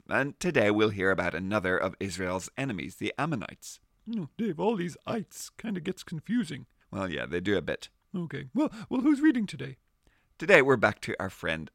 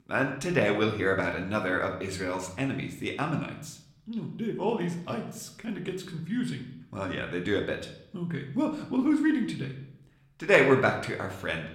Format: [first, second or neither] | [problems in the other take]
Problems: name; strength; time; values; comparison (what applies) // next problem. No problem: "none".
first | room echo; slight; dies away in 0.6 s